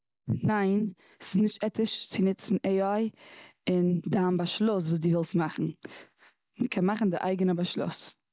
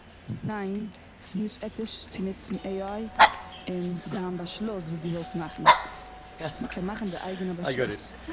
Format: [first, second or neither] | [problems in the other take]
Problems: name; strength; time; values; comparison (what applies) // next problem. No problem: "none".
first | background sound (Dog); 4 dB above the speech